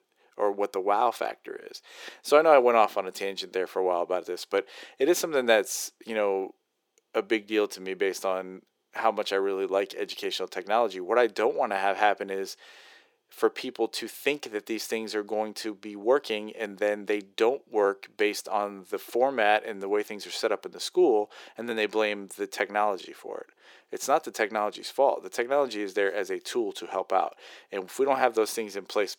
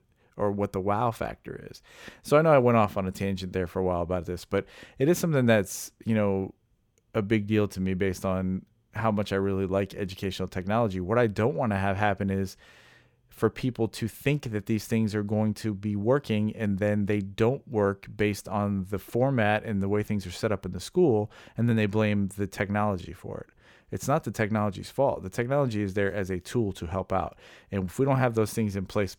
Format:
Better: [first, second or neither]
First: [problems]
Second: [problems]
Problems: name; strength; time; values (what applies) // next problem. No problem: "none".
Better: second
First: thin; very; fading below 350 Hz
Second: none